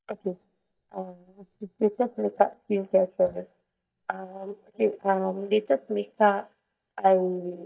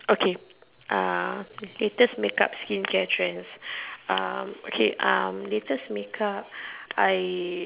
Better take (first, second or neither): second